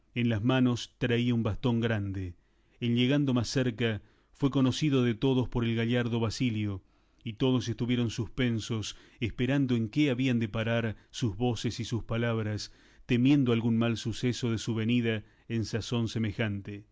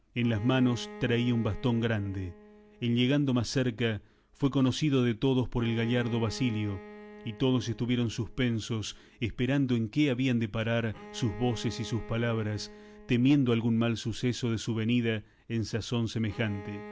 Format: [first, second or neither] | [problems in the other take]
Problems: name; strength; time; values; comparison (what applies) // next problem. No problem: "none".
first | background sound (Bowed string instrument); 19 dB below the speech